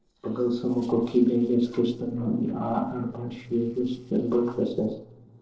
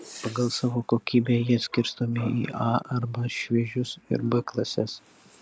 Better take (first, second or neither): second